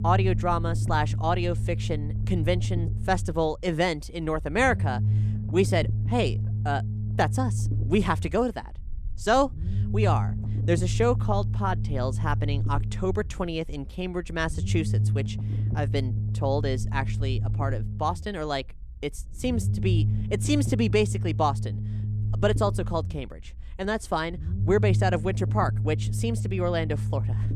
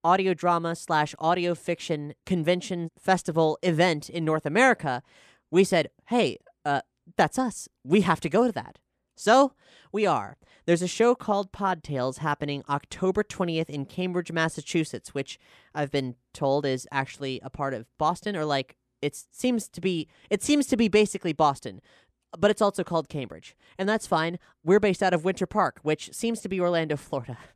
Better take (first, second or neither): second